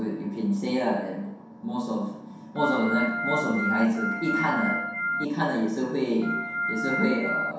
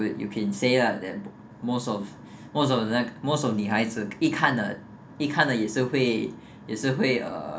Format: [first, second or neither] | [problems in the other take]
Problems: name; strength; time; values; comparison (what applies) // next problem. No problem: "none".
second | background sound (Organ); 2 dB below the speech // room echo; dies away in 0.7 s